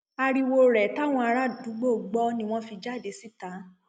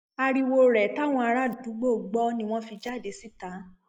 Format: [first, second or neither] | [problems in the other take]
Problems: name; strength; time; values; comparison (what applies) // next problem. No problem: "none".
first | noise reduction (neural mask model Resemble Enhance denoiser)